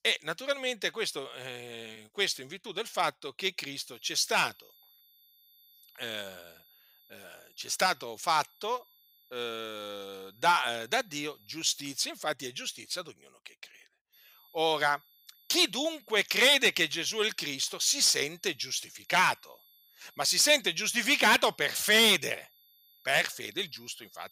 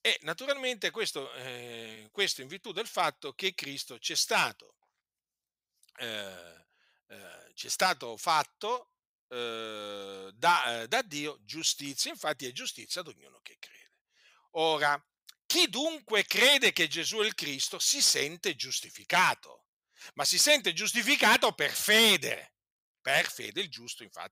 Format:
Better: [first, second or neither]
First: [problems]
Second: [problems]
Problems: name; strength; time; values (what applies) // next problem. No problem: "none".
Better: second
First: high-pitched whine; faint; from 4 to 12 s and from 14 s on; 3.5 kHz, 30 dB below the speech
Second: none